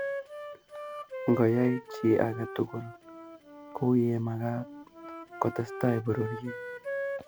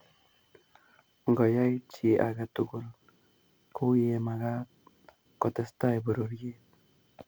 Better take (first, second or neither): second